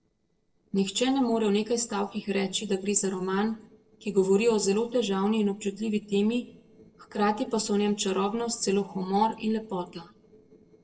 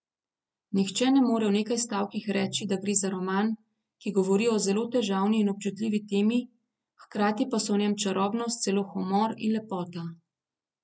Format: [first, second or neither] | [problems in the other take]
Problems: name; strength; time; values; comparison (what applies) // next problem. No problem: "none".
second | noise reduction (neural separator model SepFormer DNS4)